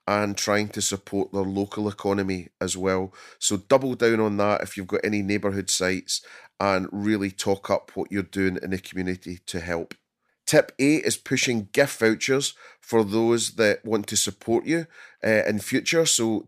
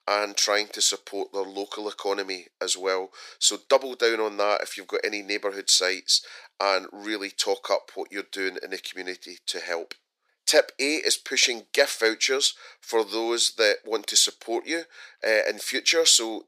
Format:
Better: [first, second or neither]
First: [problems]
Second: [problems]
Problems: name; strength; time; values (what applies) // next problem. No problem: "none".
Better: first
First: none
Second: thin; very; fading below 400 Hz